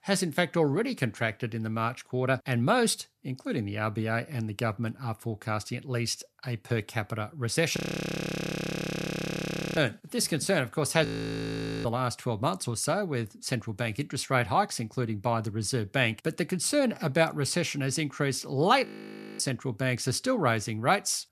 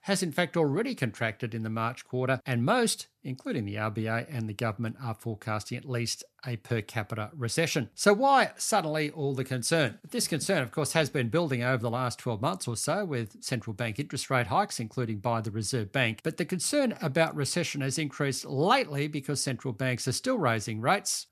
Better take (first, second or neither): second